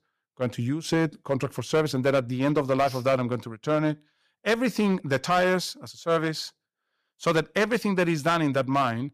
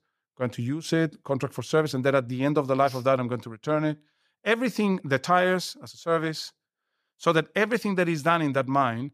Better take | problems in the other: second | distortion; slight; 4% of the sound clipped

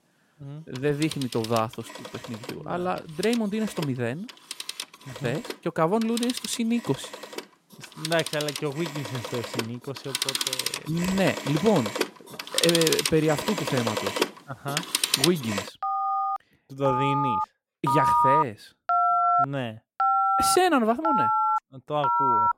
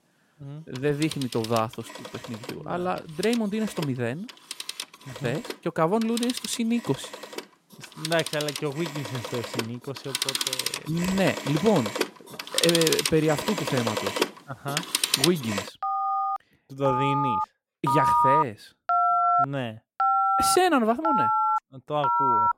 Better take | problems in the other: neither | alarms or sirens; very loud; throughout; 1 dB above the speech; the same in both

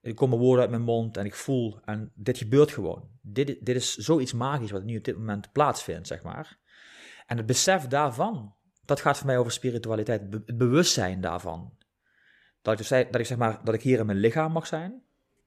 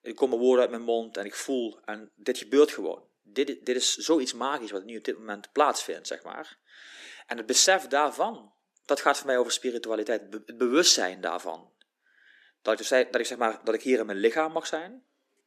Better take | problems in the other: first | thin; somewhat; fading below 250 Hz

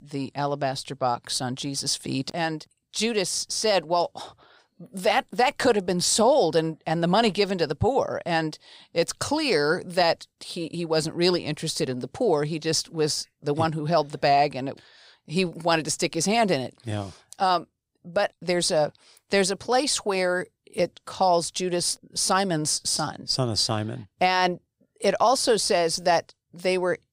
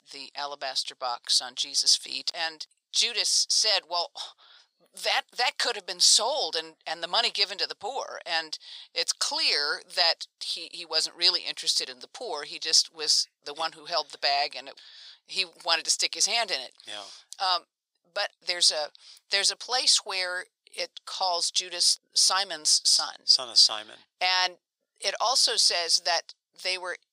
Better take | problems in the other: first | thin; very; fading below 900 Hz

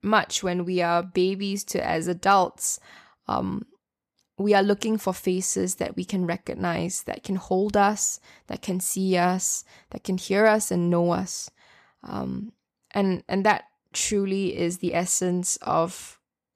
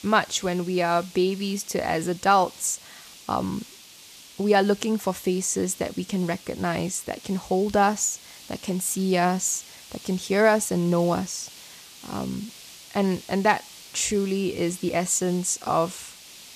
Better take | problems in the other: first | hiss; noticeable; throughout; 20 dB below the speech

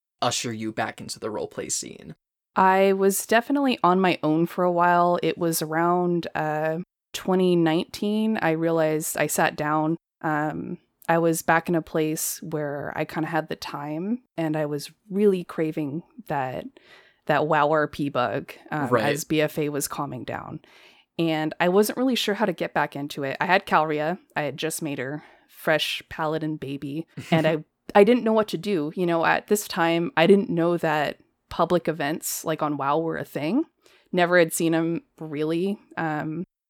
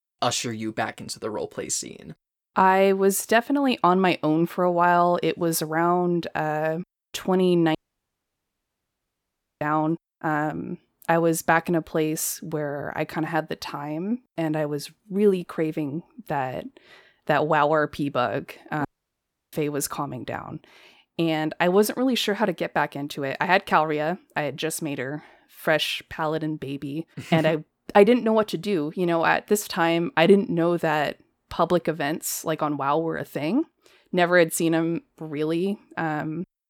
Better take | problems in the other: first | audio cutting out; at 8 s for 2 s and at 19 s for 0.5 s

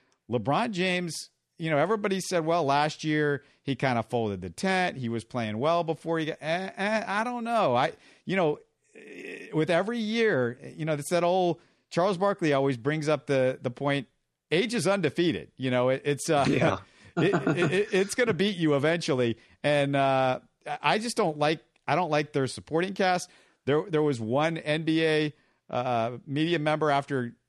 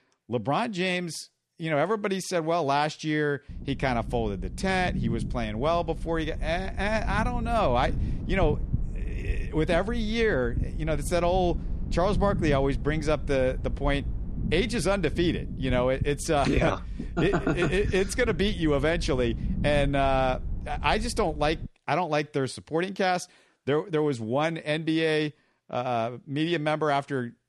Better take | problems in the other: first | low rumble; noticeable; from 3.5 to 22 s; 20 dB below the speech

